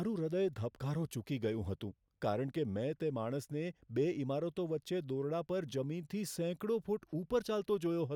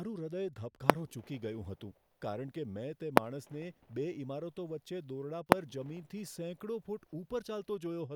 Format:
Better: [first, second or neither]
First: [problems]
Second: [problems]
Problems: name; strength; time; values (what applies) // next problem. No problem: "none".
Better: first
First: none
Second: background sound (Fireworks); 2 dB above the speech